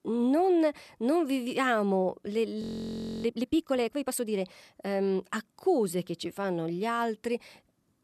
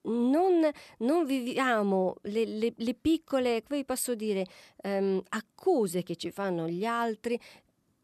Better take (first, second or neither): second